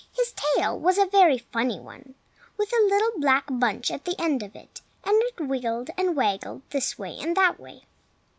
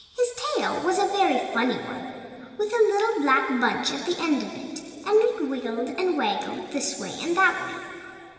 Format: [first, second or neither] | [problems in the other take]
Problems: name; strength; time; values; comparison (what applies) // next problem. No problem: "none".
first | room echo; dies away in 2.8 s